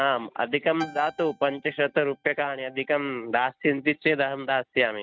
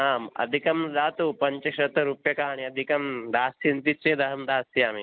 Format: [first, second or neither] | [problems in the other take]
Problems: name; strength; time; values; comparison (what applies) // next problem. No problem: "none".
second | noise reduction (neural mask model RNNoise)